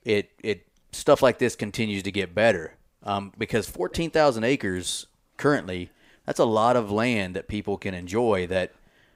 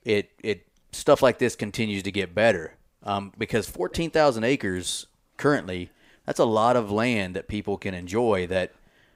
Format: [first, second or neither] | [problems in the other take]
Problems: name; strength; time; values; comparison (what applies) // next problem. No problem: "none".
neither | none